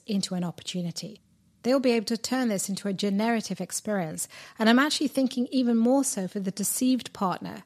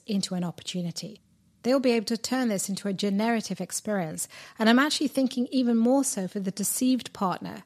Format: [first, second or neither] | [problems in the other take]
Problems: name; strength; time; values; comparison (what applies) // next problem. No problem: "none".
neither | none